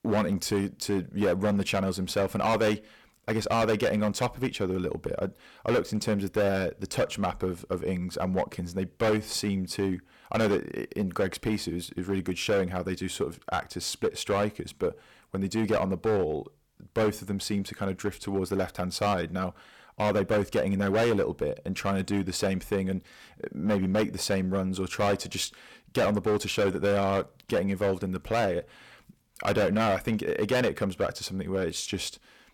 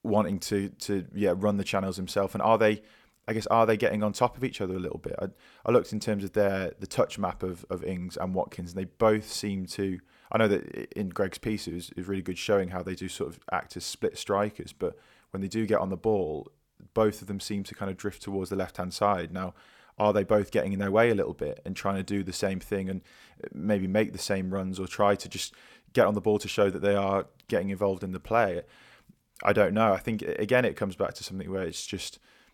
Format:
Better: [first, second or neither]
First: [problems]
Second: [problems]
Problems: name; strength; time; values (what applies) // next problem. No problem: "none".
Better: second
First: distortion; heavy; 8% of the sound clipped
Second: none